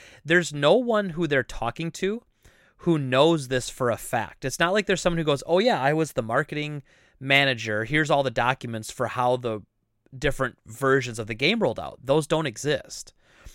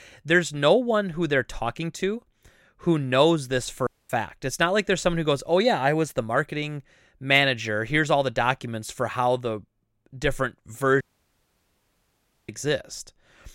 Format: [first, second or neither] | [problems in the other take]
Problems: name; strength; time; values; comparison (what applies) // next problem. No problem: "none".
first | audio cutting out; at 4 s and at 11 s for 1.5 s